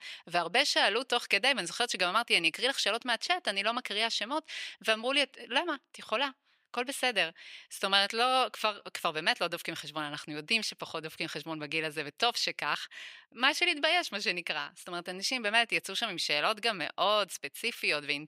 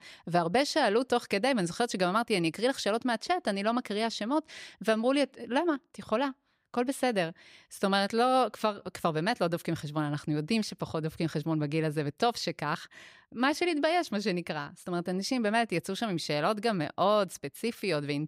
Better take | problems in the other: second | thin; somewhat; fading below 1 kHz

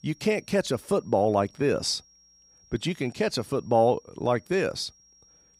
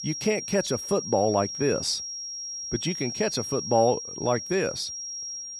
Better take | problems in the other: first | high-pitched whine; loud; throughout; 5.5 kHz, 6 dB below the speech; faint in the first

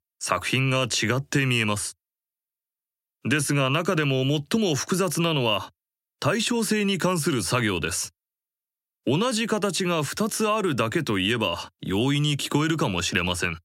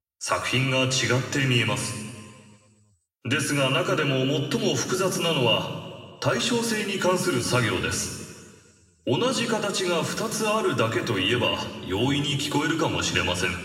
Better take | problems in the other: first | room echo; noticeable; dies away in 1.5 s // off-mic speech; somewhat distant

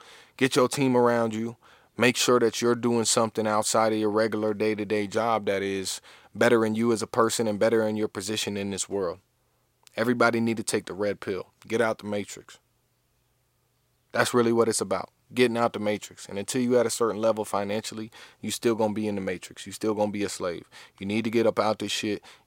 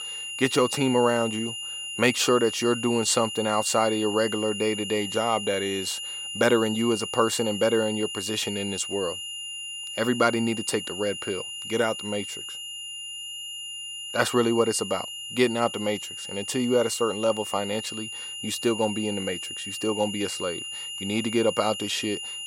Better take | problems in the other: first | high-pitched whine; loud; throughout; 3 kHz, 7 dB below the speech

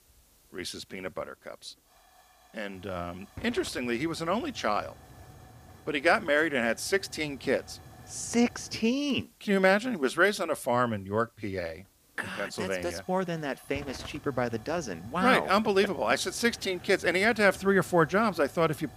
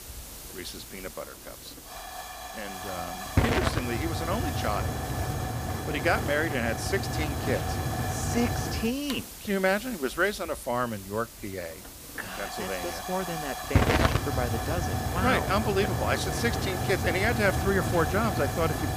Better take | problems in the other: first | hiss; loud; throughout; 1 dB below the speech; faint in the first

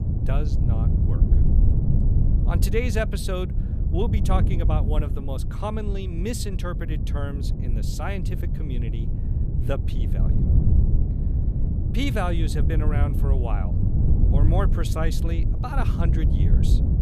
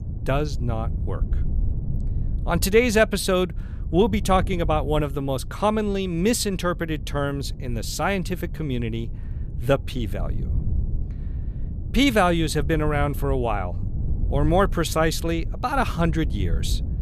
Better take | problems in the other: second | wind noise on the microphone; heavy; 5 dB below the speech; occasional gusts in the second

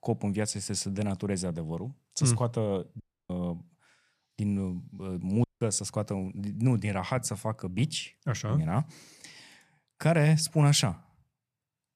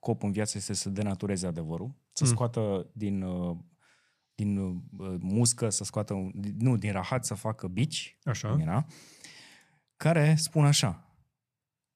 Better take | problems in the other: second | audio cutting out; at 3 s and at 5.5 s

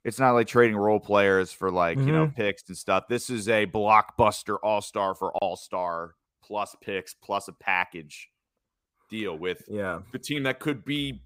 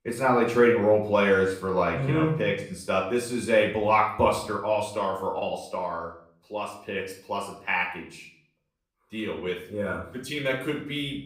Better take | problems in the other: first | off-mic speech; far // room echo; slight; dies away in 0.5 s

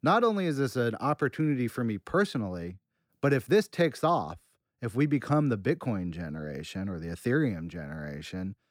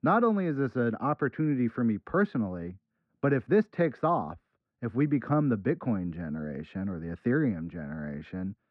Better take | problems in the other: first | muffled; very; fading above 1.5 kHz

